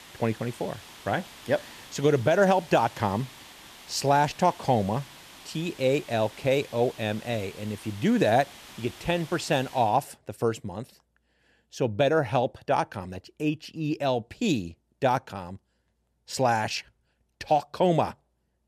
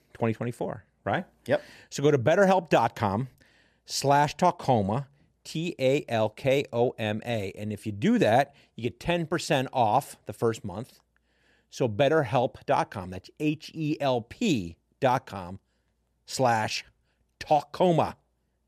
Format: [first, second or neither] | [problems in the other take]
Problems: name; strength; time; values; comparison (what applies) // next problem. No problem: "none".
second | hiss; noticeable; until 10 s; 20 dB below the speech